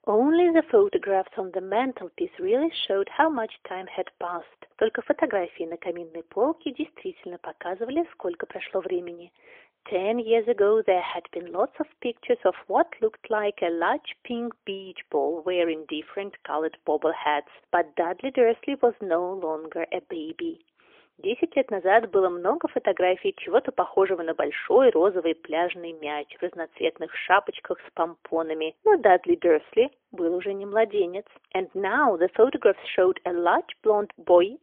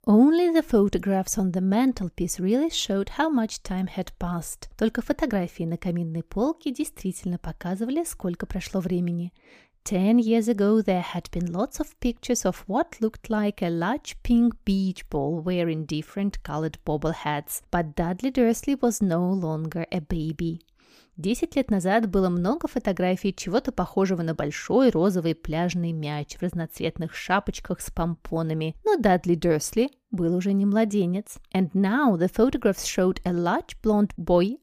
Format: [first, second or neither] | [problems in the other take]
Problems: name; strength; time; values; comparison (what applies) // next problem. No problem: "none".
second | phone-call audio; poor line; nothing above 3.5 kHz